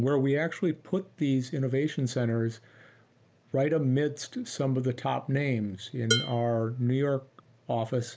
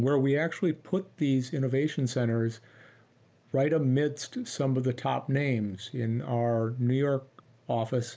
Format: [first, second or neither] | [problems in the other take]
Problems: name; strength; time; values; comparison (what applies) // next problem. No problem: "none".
second | background sound (Dishes, pots, and pans); 5 dB below the speech